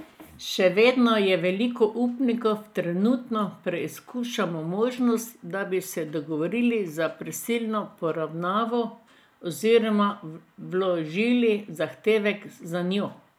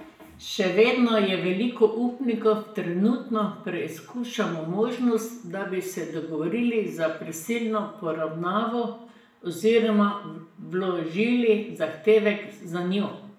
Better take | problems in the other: first | room echo; dies away in 0.6 s

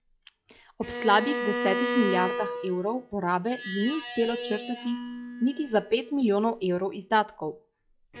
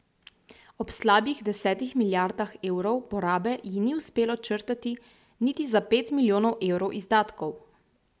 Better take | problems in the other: second | noise reduction (classical method log-MMSE)

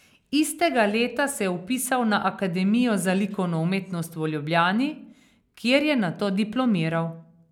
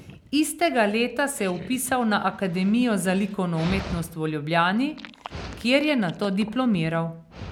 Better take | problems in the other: first | background sound (Dog); 16 dB below the speech

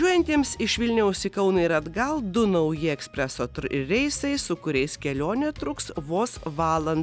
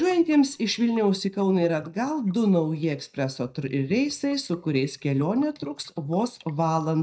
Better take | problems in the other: first | noise reduction (neural mask model DeepFilterNet 3)

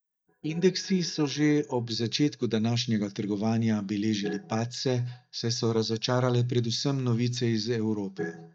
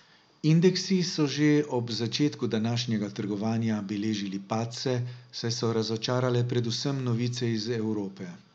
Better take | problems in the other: second | noise reduction (neural mask model DeepFilterNet 3)

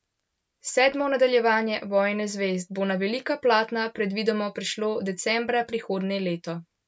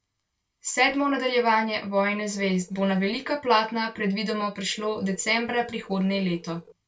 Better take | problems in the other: first | noise reduction (neural separator model SepFormer DNS4)

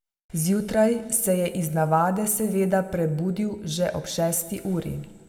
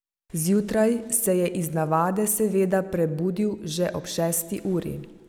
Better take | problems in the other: second | room echo; dies away in 1.2 s

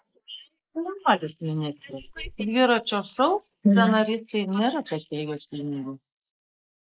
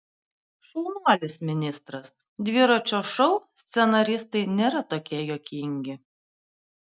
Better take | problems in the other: second | noise reduction (neural mask model Resemble Enhance denoiser)

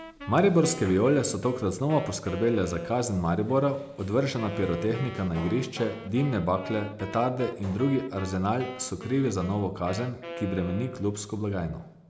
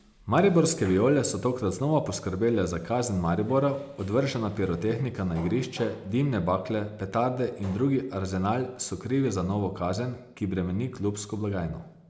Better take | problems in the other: second | background sound (Wind instrument, woodwind instrument); 15 dB below the speech

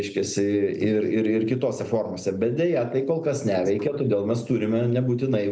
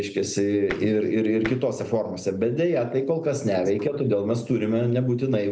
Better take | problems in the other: first | background sound (Tap); 14 dB below the speech

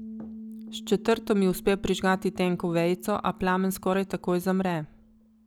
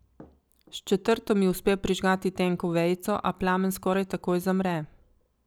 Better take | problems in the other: second | background sound (Piano); 17 dB below the speech

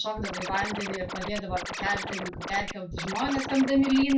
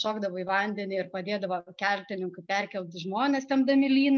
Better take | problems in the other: second | background sound (Scratching (performance technique)); 7 dB below the speech // room echo; dies away in 0.2 s

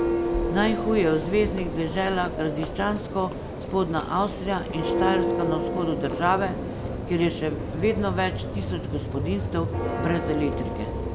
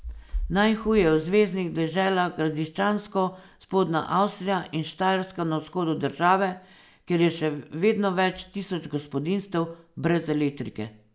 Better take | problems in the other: second | background sound (Church bell); 2 dB below the speech

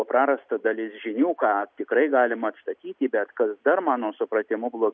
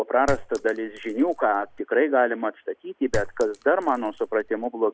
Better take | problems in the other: first | background sound (Chink, clink); 11 dB below the speech

